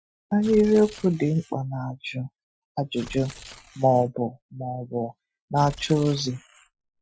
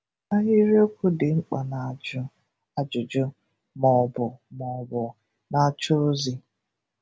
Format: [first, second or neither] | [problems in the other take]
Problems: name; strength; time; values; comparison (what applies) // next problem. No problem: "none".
second | noise reduction (classical method Wiener filter)